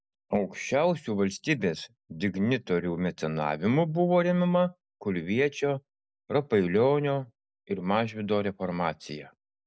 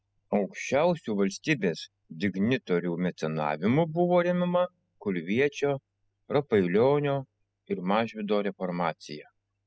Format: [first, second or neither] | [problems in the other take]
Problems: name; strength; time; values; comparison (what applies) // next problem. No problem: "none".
first | noise reduction (classical method spectral subtraction)